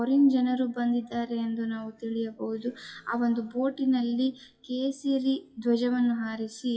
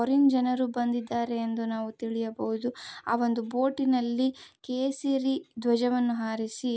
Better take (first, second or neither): second